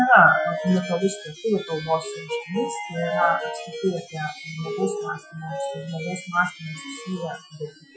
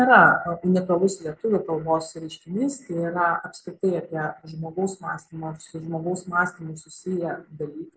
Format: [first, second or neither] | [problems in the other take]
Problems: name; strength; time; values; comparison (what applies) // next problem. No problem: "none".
second | noise reduction (classical method Wiener filter)